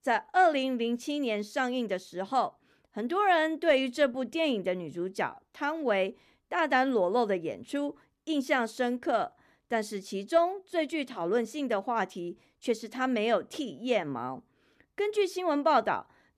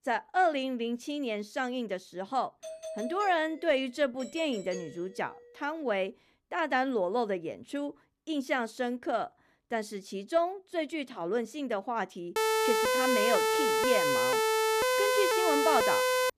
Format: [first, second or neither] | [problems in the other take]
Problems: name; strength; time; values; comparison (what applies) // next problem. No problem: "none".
first | doorbell; noticeable; from 2.5 to 5.5 s; peak 8 dB below the speech // siren; loud; from 12 s on; peak 6 dB above the speech